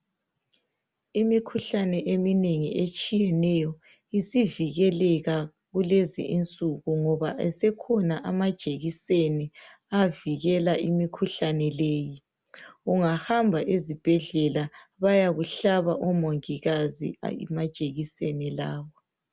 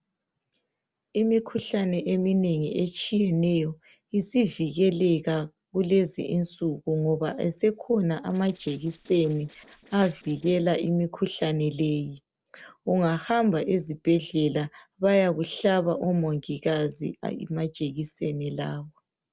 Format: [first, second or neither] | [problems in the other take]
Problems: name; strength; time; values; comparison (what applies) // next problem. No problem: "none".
first | noise reduction (neural separator model SepFormer DNS4)